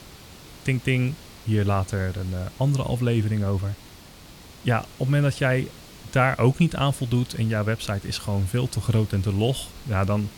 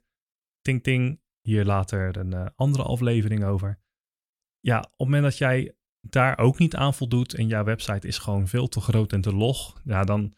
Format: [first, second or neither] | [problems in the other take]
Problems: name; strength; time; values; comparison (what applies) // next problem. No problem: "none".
second | hiss; noticeable; throughout; 20 dB below the speech